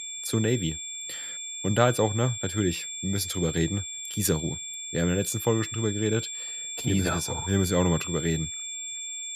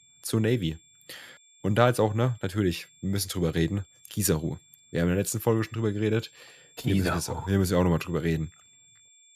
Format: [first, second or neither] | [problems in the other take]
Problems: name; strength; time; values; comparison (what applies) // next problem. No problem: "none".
second | high-pitched whine; loud; throughout; 7.5 kHz, 6 dB below the speech; faint in the second